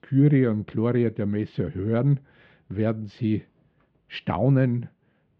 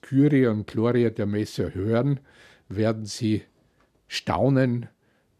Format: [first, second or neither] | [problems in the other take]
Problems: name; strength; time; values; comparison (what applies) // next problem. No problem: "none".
second | muffled; very; fading above 3 kHz